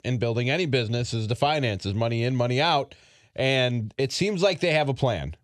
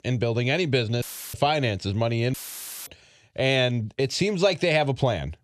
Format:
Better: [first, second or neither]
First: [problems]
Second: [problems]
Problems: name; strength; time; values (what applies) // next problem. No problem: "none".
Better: first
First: none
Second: audio cutting out; filled with static; at 1 s and at 2.5 s for 0.5 s